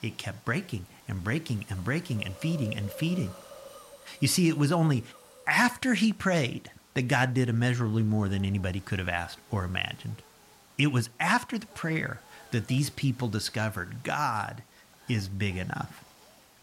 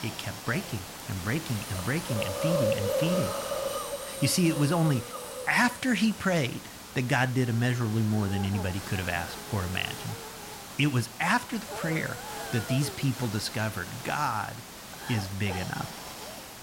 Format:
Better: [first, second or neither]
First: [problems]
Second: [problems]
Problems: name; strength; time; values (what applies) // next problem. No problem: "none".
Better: first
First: hiss; faint; throughout; 20 dB below the speech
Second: hiss; loud; throughout; 7 dB below the speech